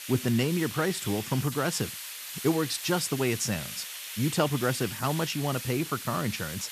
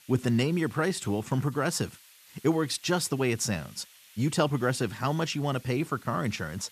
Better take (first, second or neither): second